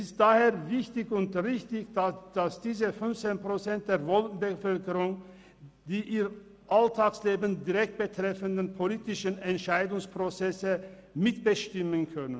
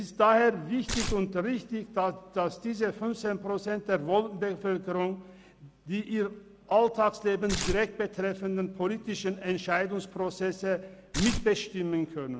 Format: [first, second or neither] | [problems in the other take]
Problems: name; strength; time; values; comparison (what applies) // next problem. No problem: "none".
first | background sound (Tearing); 4 dB below the speech